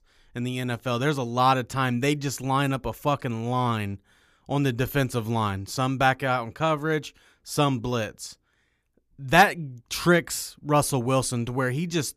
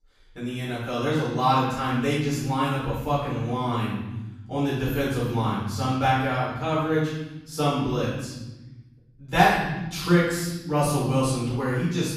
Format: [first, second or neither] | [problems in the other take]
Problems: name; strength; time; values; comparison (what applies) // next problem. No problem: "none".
first | off-mic speech; far // room echo; strong; dies away in 1.2 s